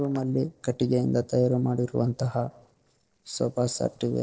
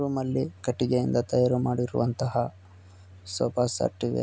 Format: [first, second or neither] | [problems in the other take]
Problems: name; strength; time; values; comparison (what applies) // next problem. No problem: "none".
second | noise reduction (neural separator model SepFormer DNS4)